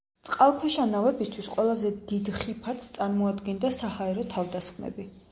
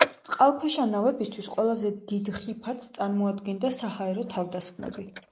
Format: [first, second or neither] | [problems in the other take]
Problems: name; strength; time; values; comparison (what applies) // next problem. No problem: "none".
first | noise reduction (neural mask model Resemble Enhance denoiser)